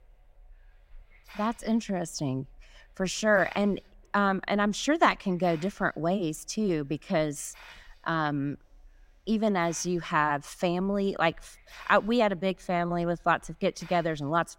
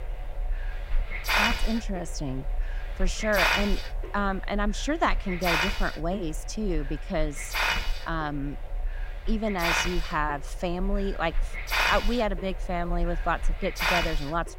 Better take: first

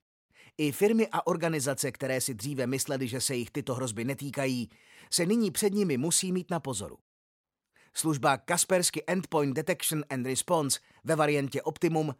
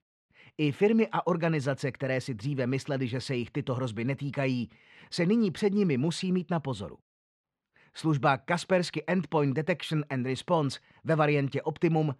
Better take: first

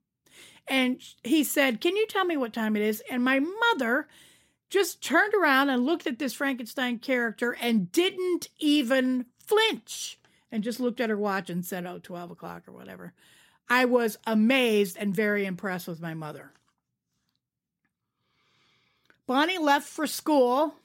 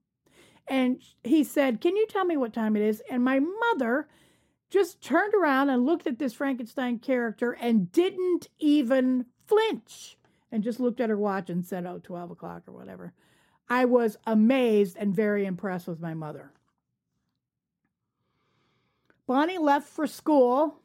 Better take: first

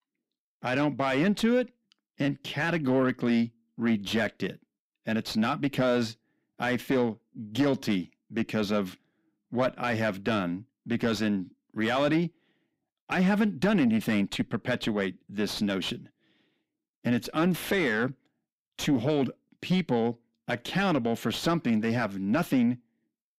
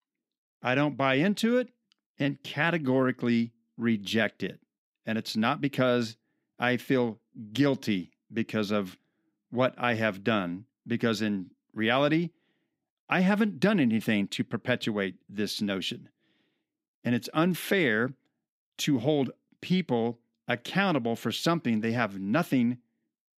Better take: second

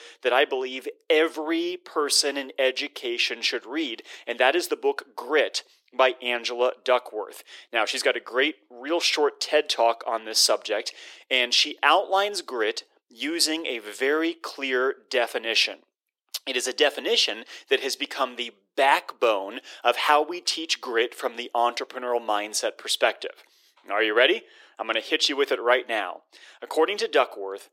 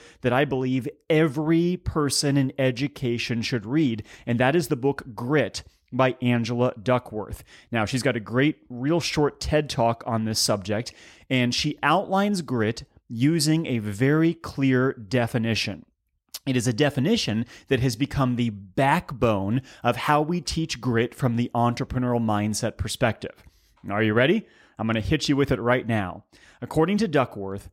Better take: second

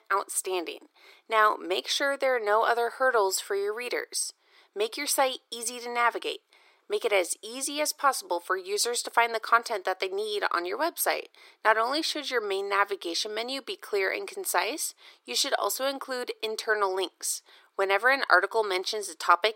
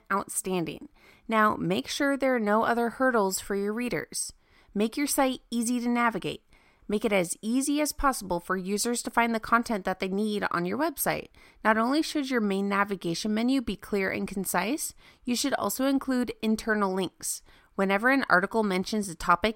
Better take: second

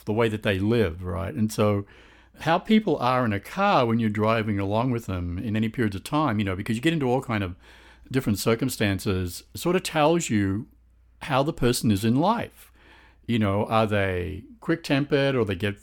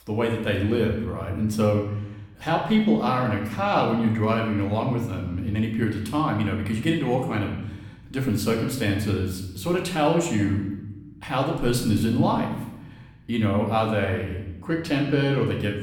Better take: first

